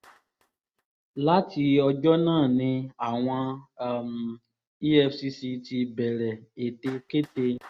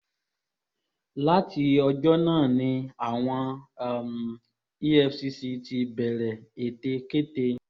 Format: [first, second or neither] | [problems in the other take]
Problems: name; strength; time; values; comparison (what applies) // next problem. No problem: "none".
second | noise reduction (neural mask model RNNoise)